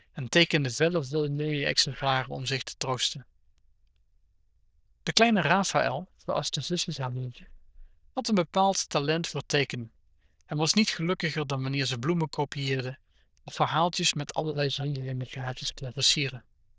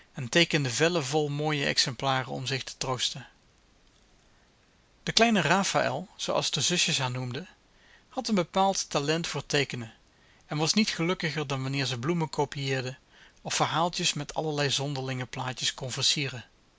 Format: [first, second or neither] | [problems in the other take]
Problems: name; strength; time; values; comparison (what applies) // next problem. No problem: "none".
second | noise reduction (neural diffusion model UNIVERSE++)